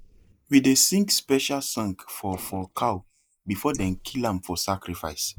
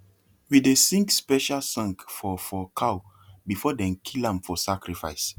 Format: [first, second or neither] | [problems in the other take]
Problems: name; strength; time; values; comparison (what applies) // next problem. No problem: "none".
second | noise reduction (neural mask model Resemble Enhance denoiser)